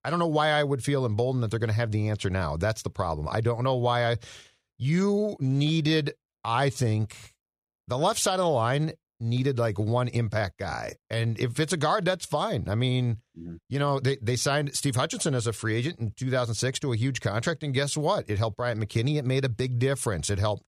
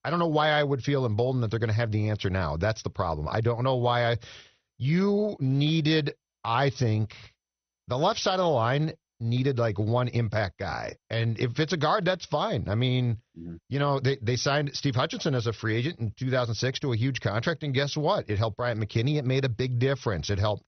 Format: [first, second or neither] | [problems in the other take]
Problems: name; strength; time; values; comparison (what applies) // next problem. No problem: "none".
first | garbled, watery; slightly; nothing above 6 kHz